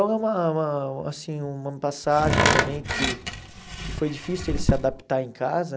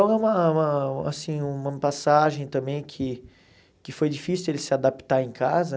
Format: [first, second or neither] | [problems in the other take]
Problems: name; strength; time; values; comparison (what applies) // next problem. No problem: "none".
second | background sound (Tools); 1 dB above the speech